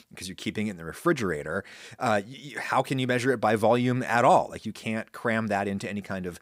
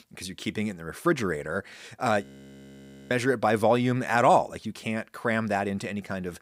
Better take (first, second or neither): first